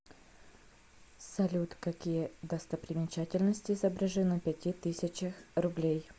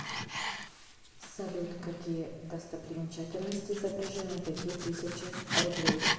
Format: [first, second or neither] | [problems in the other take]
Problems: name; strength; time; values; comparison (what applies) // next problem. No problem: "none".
first | background sound (Domestic sounds, home sounds); 1 dB above the speech // room echo; dies away in 1.2 s